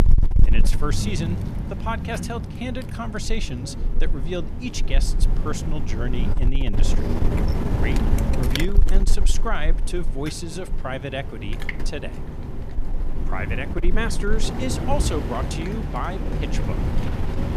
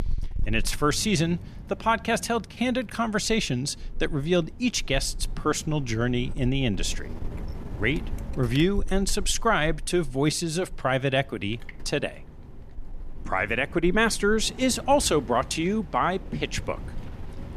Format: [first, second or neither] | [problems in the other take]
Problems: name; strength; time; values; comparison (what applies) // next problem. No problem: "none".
second | wind noise on the microphone; heavy; 4 dB below the speech; occasional gusts in the second